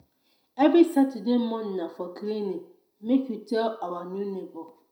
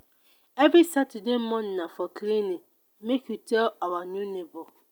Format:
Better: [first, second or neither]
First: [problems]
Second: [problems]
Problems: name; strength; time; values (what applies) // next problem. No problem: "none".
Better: second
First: room echo; dies away in 0.5 s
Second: none